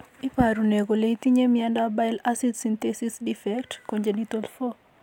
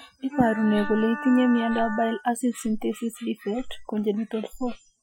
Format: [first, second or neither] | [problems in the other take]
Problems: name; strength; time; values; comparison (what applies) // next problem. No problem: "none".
first | noise reduction (classical method Wiener filter)